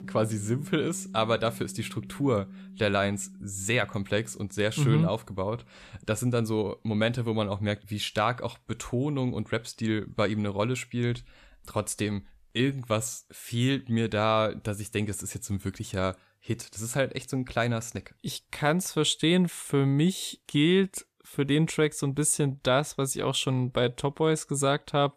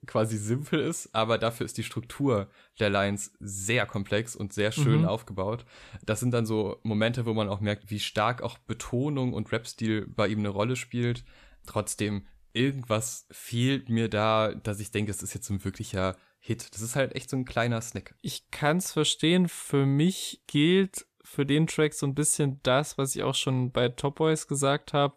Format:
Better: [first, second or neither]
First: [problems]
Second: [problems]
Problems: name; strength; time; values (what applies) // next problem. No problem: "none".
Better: second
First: background music; noticeable; throughout; 15 dB below the speech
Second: none